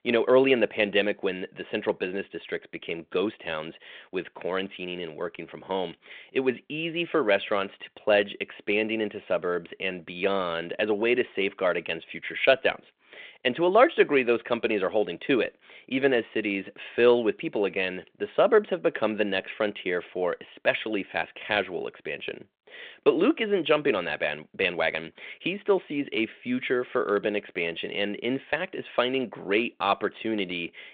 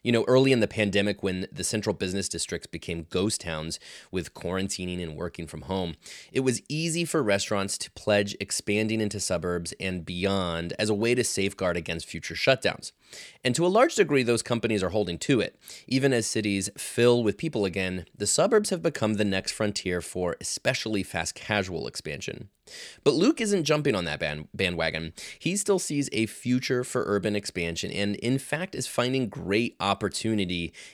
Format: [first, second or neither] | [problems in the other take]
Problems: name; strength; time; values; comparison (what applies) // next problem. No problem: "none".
second | phone-call audio